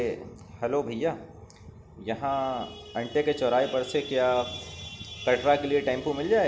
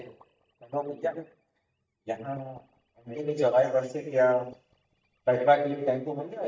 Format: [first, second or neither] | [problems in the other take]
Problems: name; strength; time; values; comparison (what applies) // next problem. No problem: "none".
first | noise reduction (neural mask model DeepFilterNet 3)